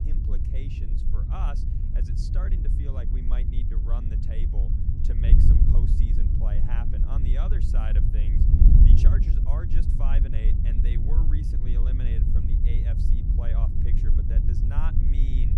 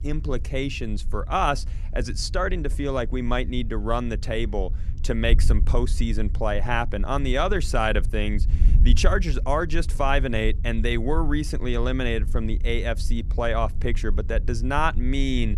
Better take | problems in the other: second | wind noise on the microphone; heavy; 2 dB above the speech; occasional gusts in the second

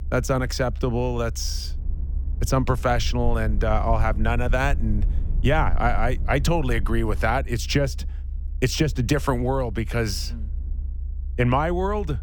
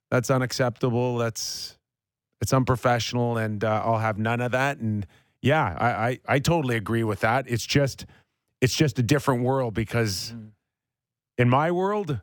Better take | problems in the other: second | low rumble; faint; throughout; 25 dB below the speech

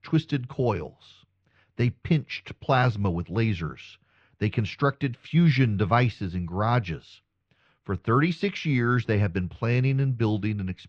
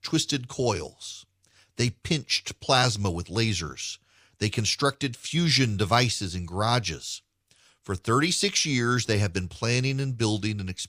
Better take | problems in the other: second | muffled; very; fading above 2.5 kHz

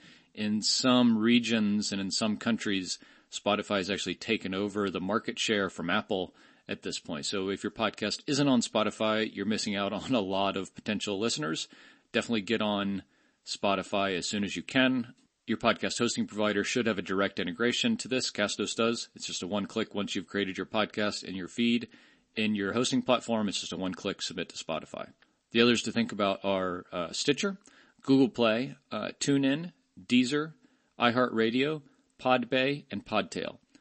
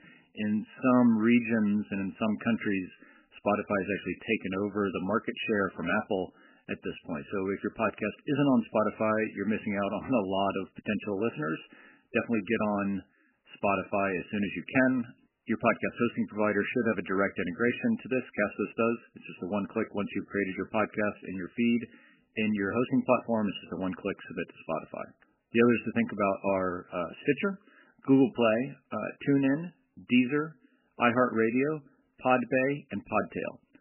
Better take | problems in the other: first | garbled, watery; badly; nothing above 3 kHz; slightly in the first

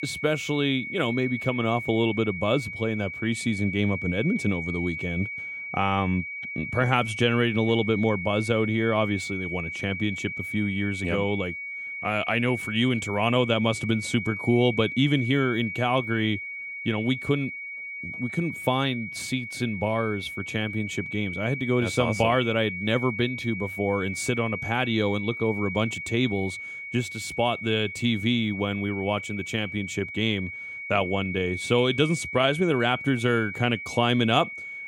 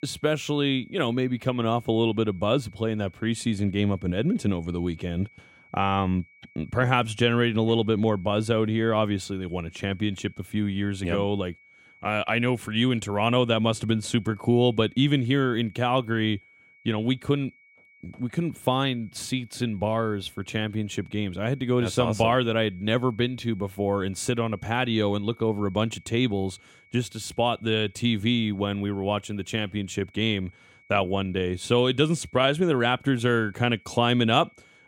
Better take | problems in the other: second | high-pitched whine; loud; throughout; 2.5 kHz, 7 dB below the speech; faint in the second

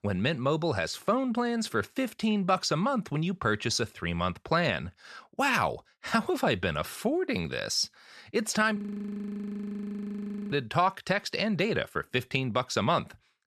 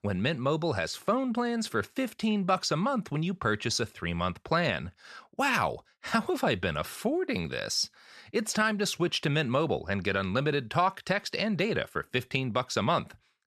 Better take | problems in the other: second | audio freezing; at 9 s for 1.5 s

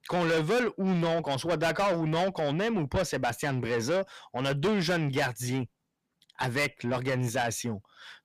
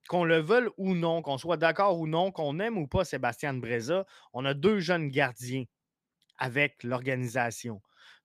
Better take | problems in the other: second | distortion; heavy; 6 dB below the speech

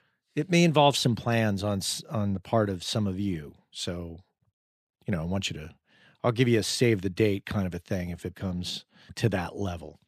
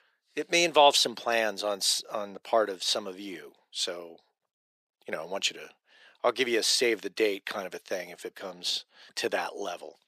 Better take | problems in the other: first | thin; very; fading below 450 Hz

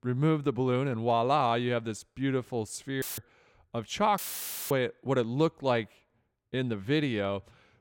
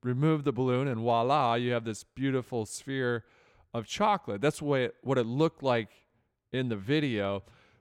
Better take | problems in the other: second | audio cutting out; filled with static; at 3 s and at 4 s for 0.5 s

